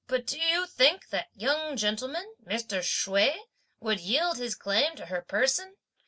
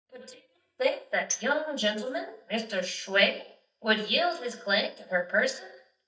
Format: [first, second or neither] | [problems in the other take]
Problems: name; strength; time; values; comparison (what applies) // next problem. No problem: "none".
first | noise reduction (neural mask model DeepFilterNet 3)